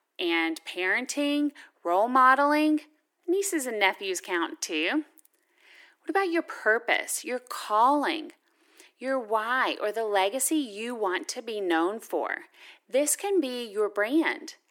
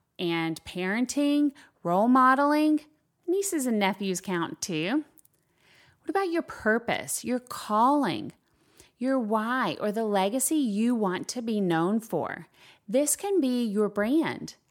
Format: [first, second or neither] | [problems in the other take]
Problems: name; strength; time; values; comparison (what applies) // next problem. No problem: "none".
second | thin; somewhat; fading below 300 Hz